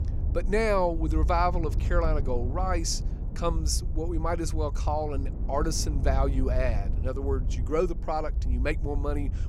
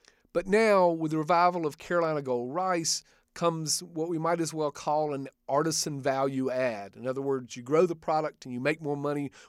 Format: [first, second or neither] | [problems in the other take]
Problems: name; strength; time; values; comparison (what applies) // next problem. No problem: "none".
second | low rumble; noticeable; throughout; 15 dB below the speech